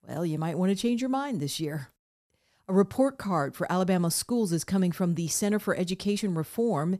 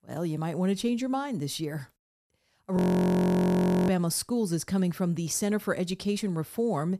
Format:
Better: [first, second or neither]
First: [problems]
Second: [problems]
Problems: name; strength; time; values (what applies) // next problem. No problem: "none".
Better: first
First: none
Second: audio freezing; at 3 s for 1 s